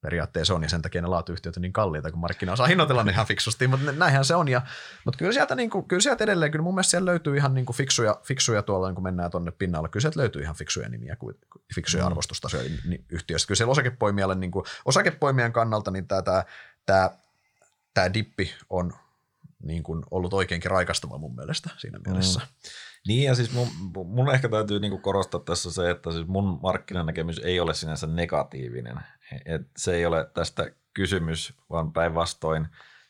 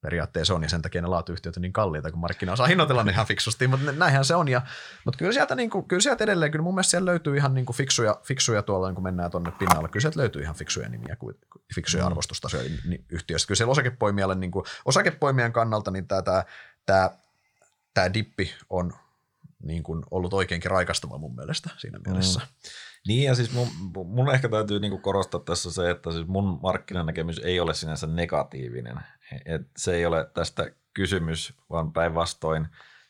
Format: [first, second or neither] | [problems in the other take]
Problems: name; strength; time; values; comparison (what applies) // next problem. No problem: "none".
first | phone ringing; loud; at 9.5 s; peak 2 dB above the speech